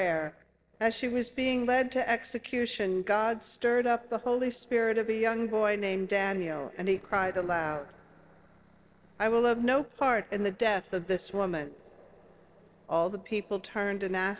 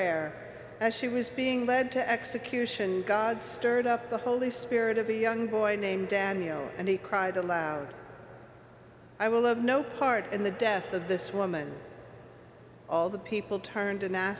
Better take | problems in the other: second | noise reduction (neural separator model SepFormer DNS4)

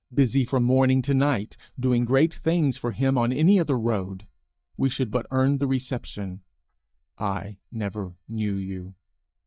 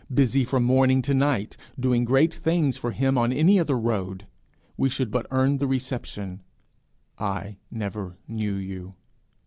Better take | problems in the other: second | noise reduction (neural mask model DeepFilterNet 3)

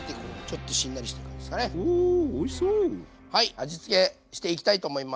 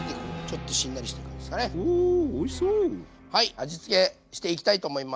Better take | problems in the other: first | background sound (Acoustic guitar / Strum); 18 dB below the speech

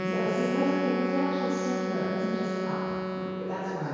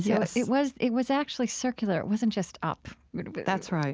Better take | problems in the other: second | background sound (Wind instrument, woodwind instrument); as loud as the speech // room echo; dies away in 2.2 s

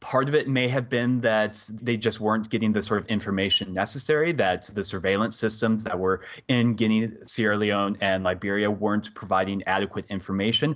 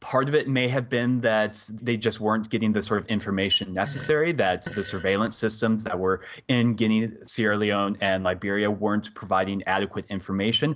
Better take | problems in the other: first | background sound (Fart); 15 dB below the speech

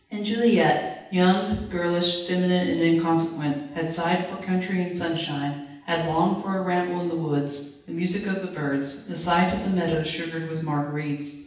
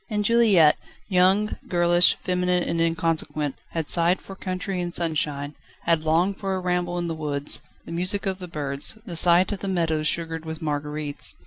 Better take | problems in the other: second | room echo; dies away in 0.9 s

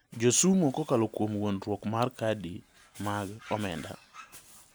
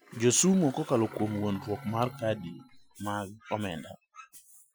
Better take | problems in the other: first | noise reduction (classical method Wiener filter)

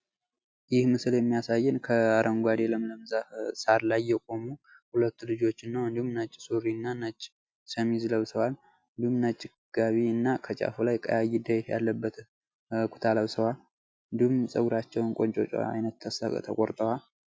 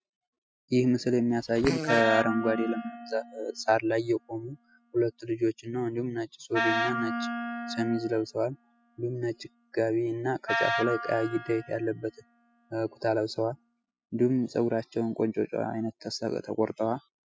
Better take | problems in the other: first | noise reduction (classical method spectral subtraction)

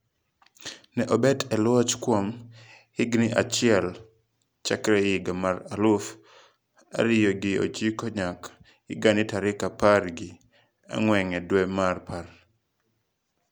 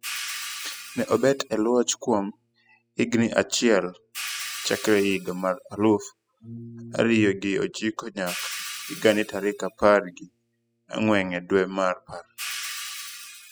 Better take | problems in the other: first | noise reduction (classical method spectral subtraction)

